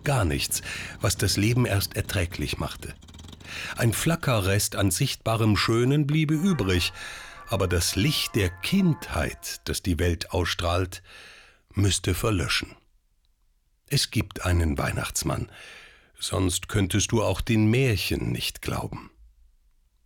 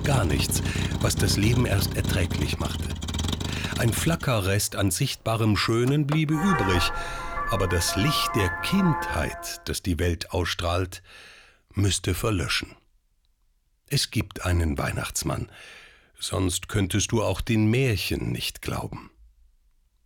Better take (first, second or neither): first